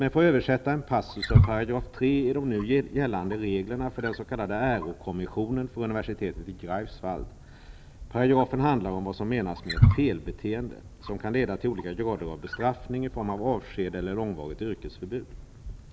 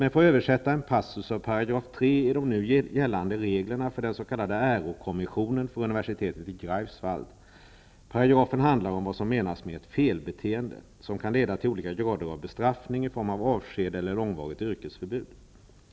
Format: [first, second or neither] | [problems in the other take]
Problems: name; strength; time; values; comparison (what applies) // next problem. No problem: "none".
second | background sound (Wild animals); 4 dB below the speech